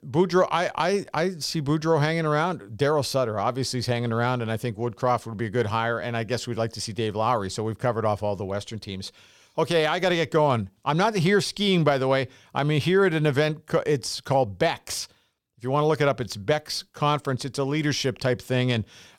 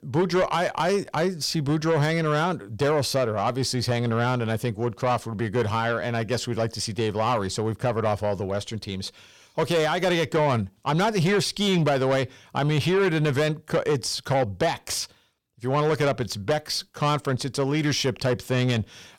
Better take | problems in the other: first | distortion; slight; 10 dB below the speech

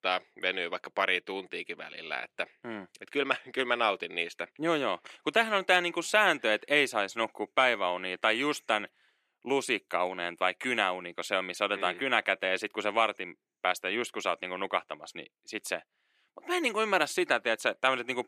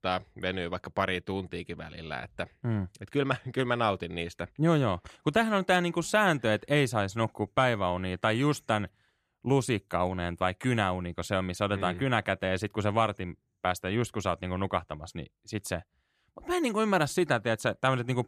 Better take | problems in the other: second | thin; somewhat; fading below 300 Hz

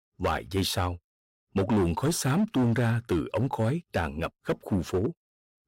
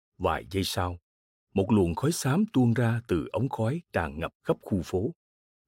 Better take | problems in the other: second | distortion; slight; 10% of the sound clipped

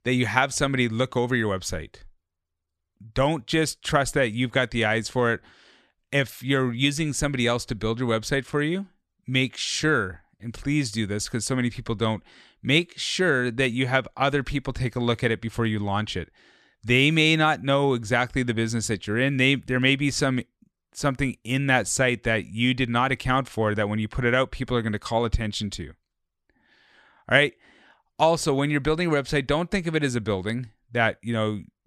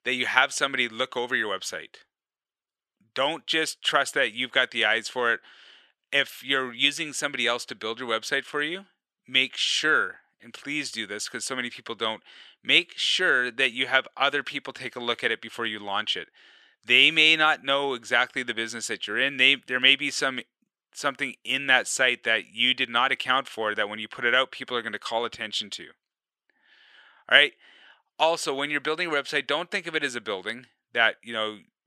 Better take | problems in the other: first | thin; somewhat; fading below 400 Hz

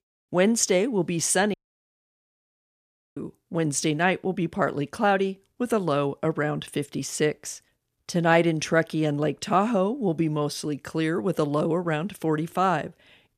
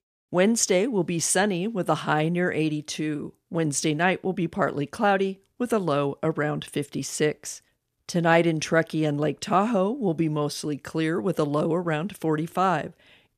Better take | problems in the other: second | audio cutting out; at 1.5 s for 1.5 s

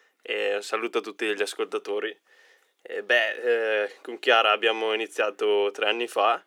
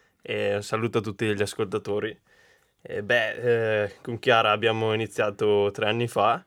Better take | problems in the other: second | thin; very; fading below 300 Hz

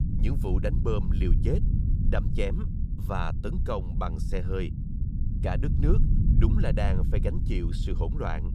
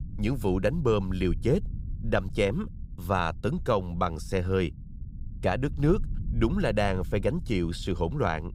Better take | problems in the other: second | low rumble; loud; throughout; 7 dB below the speech; faint in the second

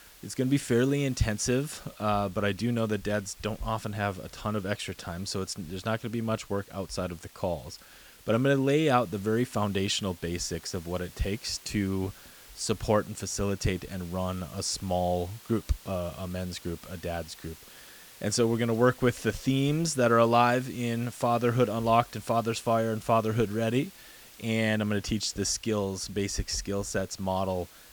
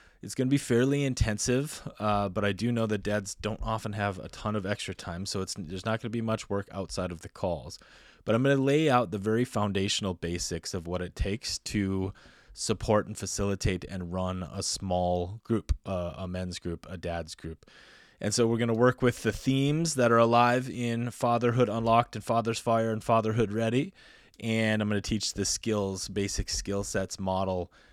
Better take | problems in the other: second | hiss; faint; throughout; 20 dB below the speech

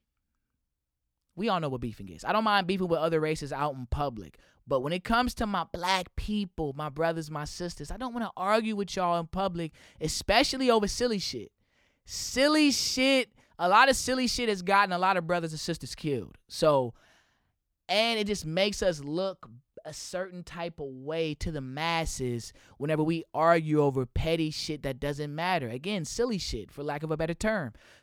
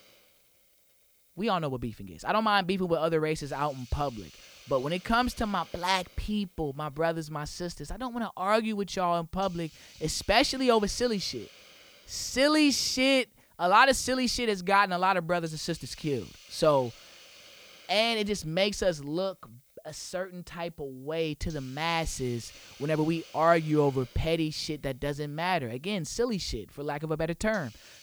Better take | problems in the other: first | hiss; faint; throughout; 25 dB below the speech

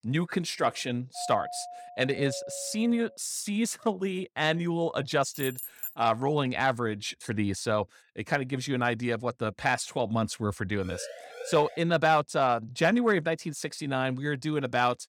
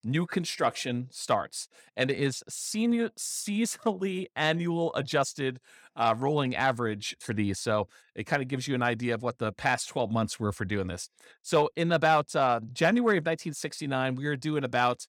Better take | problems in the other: second | doorbell; noticeable; from 1 to 3 s; peak 8 dB below the speech // jangling keys; noticeable; at 5.5 s; peak 7 dB below the speech // siren; faint; at 11 s; peak 10 dB below the speech

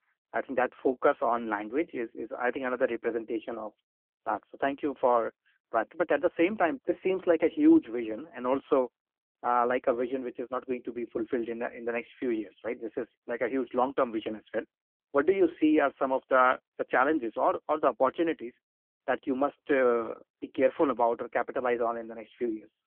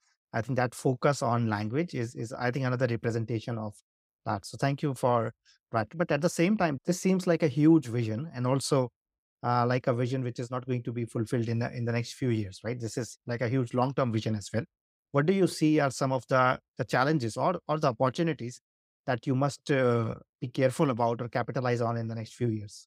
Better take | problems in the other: second | phone-call audio

